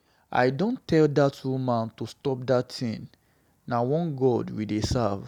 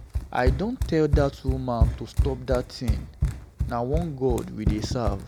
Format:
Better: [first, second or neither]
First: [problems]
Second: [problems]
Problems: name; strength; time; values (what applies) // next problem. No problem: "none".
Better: first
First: none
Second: background sound (Run); 1 dB above the speech